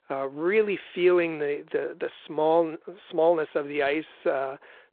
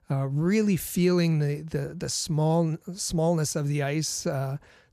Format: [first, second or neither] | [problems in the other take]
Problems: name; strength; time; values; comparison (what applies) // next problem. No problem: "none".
second | phone-call audio